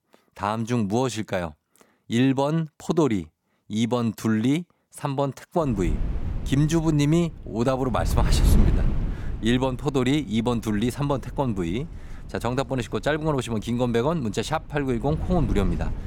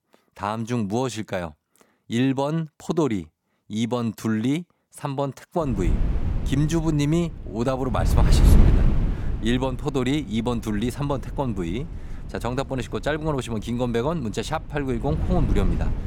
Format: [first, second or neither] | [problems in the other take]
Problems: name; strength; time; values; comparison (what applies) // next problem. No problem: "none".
first | wind noise on the microphone; heavy; from 5.5 s on; 8 dB below the speech; occasional gusts in the first